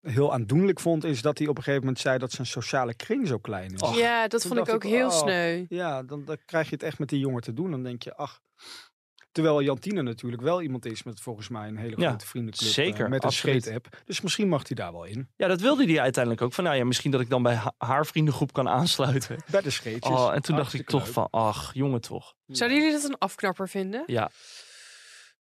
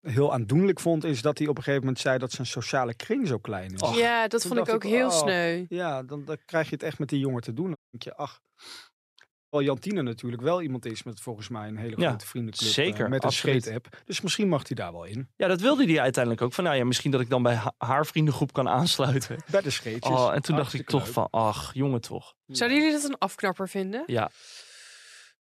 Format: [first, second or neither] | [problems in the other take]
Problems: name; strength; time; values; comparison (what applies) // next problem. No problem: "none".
first | audio cutting out; at 8 s and at 9.5 s